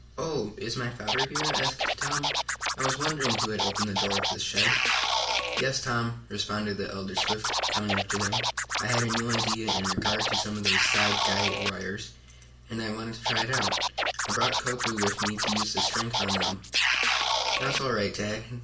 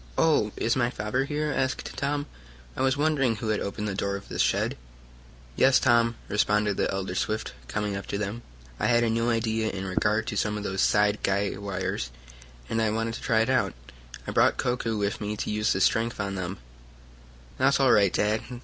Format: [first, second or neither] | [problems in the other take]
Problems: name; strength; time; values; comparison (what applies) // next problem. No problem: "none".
second | background sound (Scratching (performance technique)); 3 dB above the speech // room echo; dies away in 0.4 s